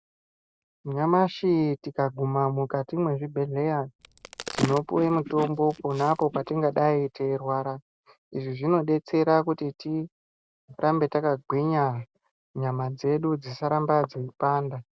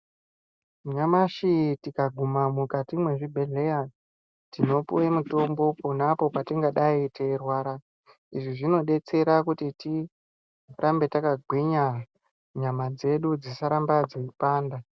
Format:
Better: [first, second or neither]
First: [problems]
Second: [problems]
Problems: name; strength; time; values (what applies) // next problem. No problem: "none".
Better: second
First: background sound (Crack); 15 dB below the speech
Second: none